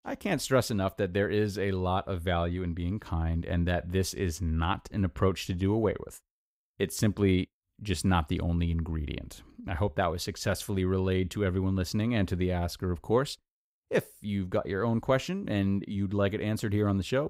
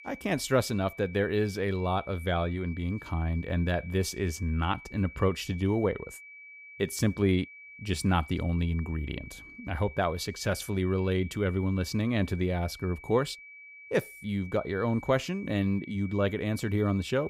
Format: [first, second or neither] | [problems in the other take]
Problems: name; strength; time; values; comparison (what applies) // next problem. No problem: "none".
first | high-pitched whine; noticeable; throughout; 2.5 kHz, 15 dB below the speech